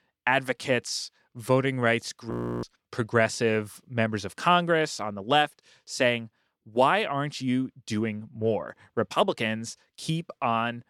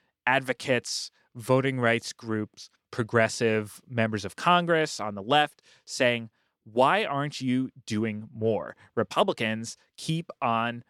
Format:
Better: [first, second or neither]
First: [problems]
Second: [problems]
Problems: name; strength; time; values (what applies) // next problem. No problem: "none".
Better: second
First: audio freezing; at 2.5 s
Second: none